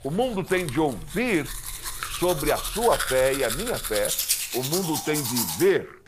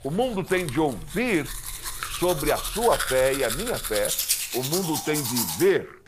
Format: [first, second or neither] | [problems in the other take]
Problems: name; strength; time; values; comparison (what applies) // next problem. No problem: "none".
neither | household noises; loud; throughout; 3 dB below the speech; the same in both